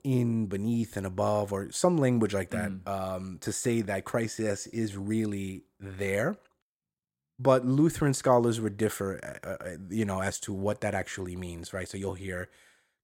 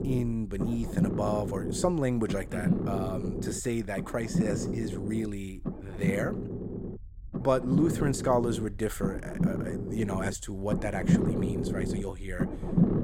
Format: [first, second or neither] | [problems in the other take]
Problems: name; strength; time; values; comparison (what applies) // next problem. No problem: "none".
first | low rumble; loud; throughout; 5 dB below the speech